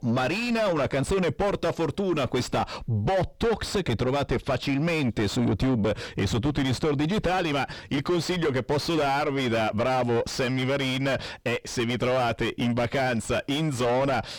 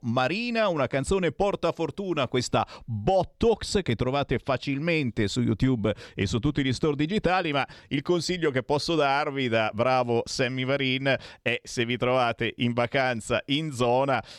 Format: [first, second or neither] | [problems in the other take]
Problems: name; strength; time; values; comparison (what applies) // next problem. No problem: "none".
second | distortion; heavy; 6 dB below the speech